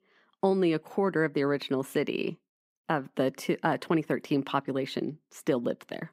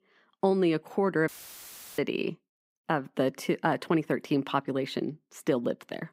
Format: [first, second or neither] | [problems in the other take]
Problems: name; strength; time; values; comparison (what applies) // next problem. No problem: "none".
first | audio cutting out; filled with static; at 1.5 s for 0.5 s